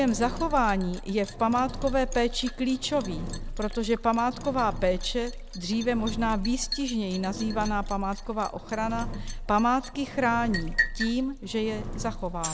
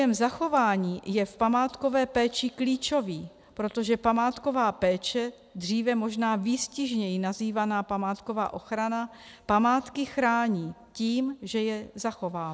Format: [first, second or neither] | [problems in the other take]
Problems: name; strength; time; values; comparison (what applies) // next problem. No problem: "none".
second | background sound (Liquid + Engine); 6 dB below the speech